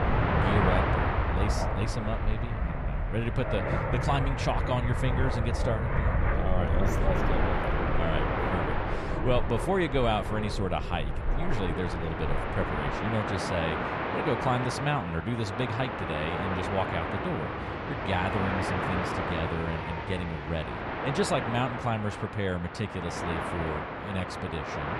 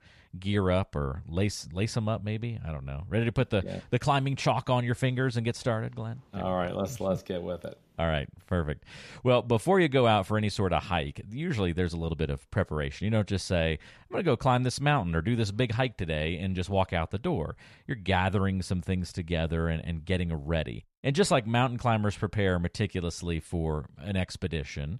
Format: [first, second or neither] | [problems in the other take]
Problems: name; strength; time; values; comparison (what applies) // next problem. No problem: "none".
second | train or aircraft noise; very loud; throughout; 1 dB above the speech